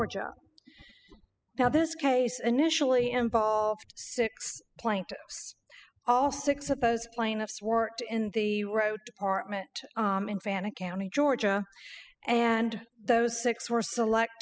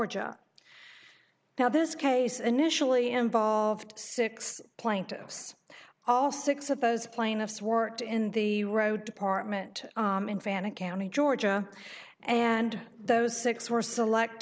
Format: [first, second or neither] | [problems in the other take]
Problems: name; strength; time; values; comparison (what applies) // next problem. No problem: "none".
second | noise reduction (classical method spectral subtraction)